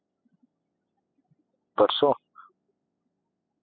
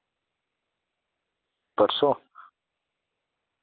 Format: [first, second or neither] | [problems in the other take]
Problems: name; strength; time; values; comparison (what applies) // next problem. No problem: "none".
second | noise reduction (classical method spectral subtraction)